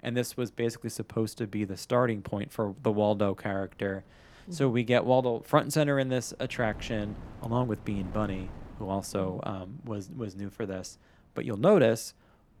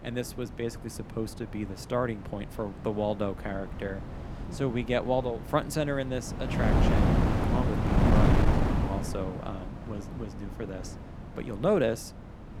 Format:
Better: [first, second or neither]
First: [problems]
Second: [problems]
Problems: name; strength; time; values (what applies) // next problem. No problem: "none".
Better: first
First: wind noise on the microphone; occasional gusts; 25 dB below the speech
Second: wind noise on the microphone; heavy; 1 dB below the speech